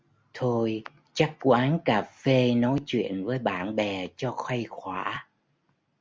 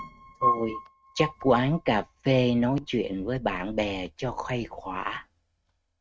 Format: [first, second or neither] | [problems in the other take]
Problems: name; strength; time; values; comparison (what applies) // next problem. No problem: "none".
first | noise reduction (neural mask model RNNoise)